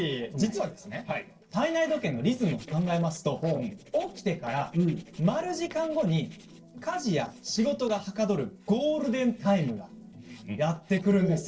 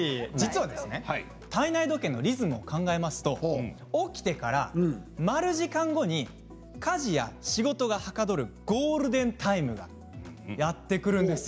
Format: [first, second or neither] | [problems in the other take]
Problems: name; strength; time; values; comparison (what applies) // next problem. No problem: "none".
second | noise reduction (neural separator model SepFormer DNS4)